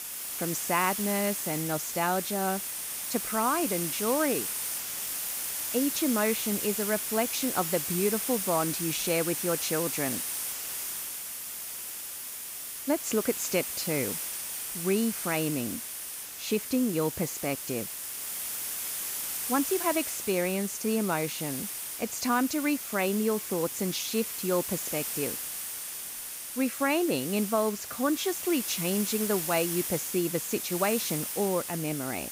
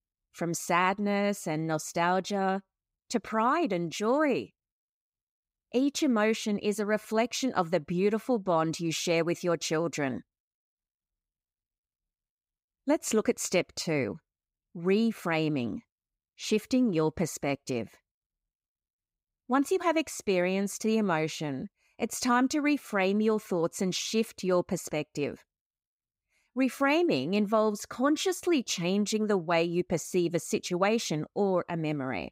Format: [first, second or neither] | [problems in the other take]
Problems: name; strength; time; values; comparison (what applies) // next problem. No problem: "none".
second | hiss; loud; throughout; 2 dB below the speech